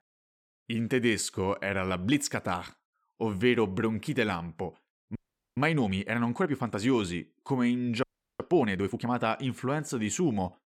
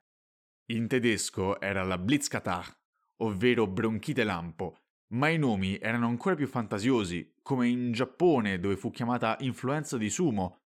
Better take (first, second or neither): second